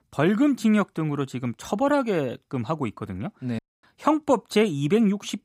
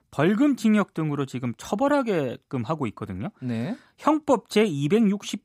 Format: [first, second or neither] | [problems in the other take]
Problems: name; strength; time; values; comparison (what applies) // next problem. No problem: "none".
second | audio cutting out; at 3.5 s